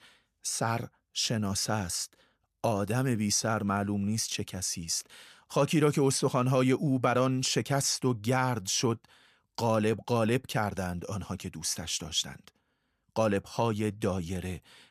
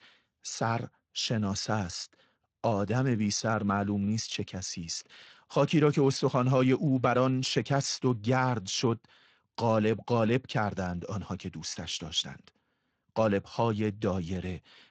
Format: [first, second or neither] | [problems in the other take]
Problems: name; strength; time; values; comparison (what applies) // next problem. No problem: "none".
first | garbled, watery; slightly